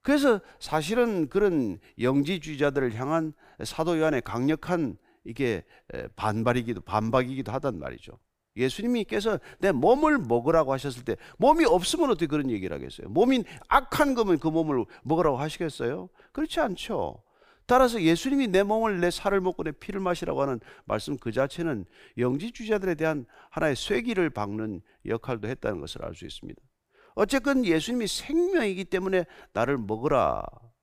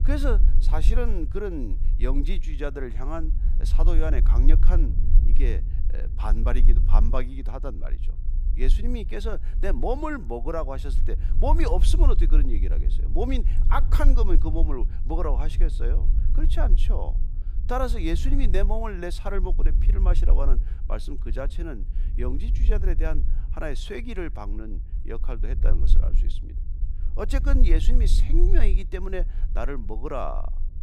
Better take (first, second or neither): first